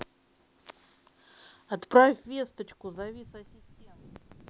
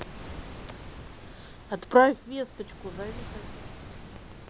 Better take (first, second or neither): first